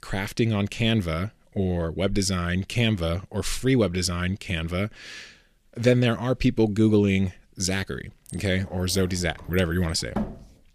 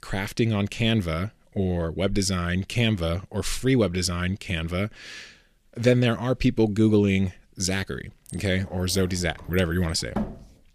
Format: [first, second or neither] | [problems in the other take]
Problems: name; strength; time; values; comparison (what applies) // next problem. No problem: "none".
neither | door banging; noticeable; from 9 s on; peak 7 dB below the speech; the same in both